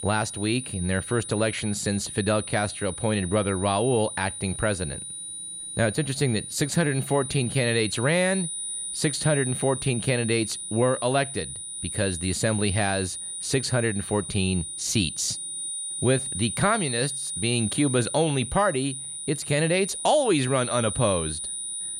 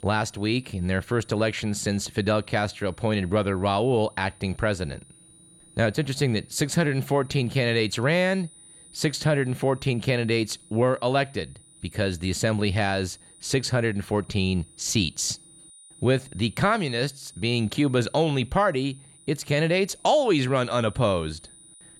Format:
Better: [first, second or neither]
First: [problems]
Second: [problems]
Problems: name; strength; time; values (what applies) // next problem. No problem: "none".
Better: second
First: high-pitched whine; loud; throughout; 9.5 kHz, 6 dB below the speech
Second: high-pitched whine; faint; throughout; 9.5 kHz, 25 dB below the speech